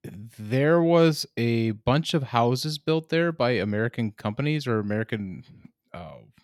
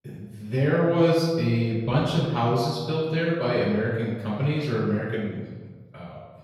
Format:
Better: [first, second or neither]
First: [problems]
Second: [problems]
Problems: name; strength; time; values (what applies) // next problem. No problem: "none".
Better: first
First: none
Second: room echo; noticeable; dies away in 1.2 s // off-mic speech; far